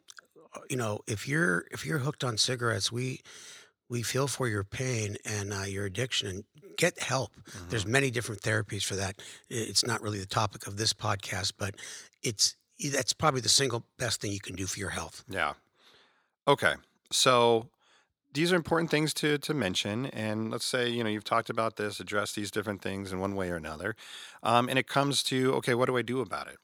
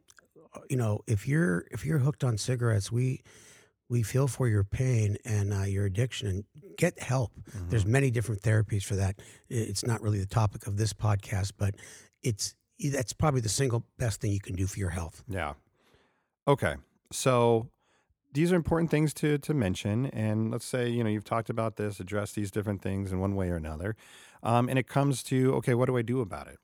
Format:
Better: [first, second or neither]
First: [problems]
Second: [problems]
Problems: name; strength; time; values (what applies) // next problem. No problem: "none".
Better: second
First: thin; somewhat; fading below 350 Hz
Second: none